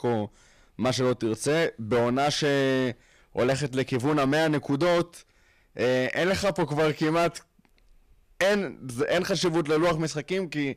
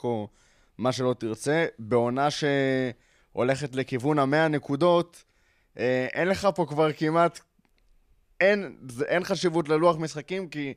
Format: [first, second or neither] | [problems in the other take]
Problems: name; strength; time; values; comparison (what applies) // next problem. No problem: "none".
second | distortion; heavy; 13% of the sound clipped